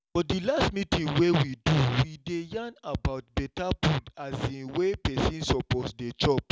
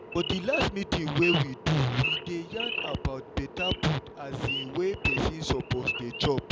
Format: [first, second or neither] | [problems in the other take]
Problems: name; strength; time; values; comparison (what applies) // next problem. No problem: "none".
first | background sound (Idling / Wild animals); 6 dB below the speech